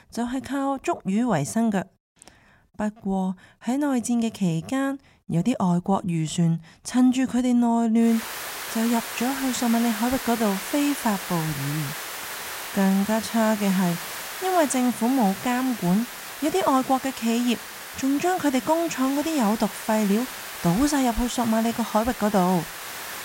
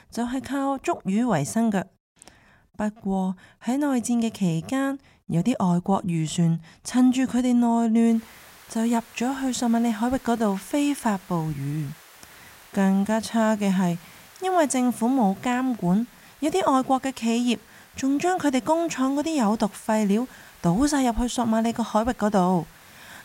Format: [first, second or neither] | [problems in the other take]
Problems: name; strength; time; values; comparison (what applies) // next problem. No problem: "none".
second | hiss; loud; from 8 s on; 9 dB below the speech; faint in the second